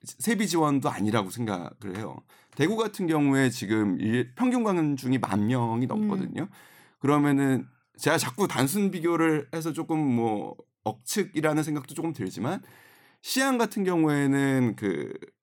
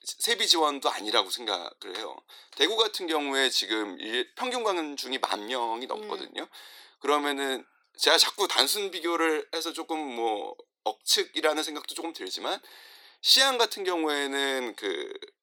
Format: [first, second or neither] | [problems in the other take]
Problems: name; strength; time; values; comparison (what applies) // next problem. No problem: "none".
first | thin; very; fading below 400 Hz